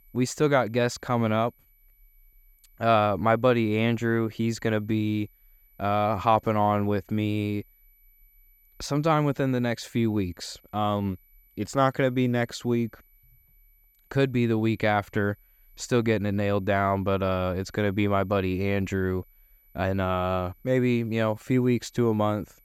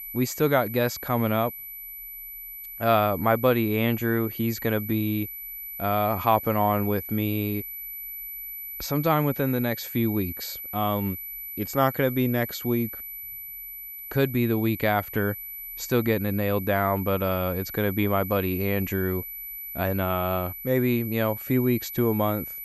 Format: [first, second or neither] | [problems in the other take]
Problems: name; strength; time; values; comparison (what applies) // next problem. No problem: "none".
first | high-pitched whine; loud; throughout; 12 kHz, 9 dB below the speech; faint in the first